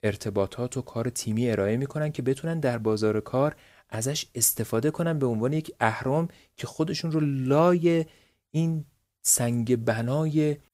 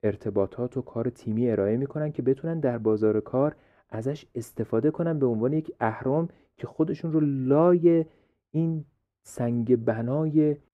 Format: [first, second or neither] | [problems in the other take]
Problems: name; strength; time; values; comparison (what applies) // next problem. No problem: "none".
first | muffled; very; fading above 3 kHz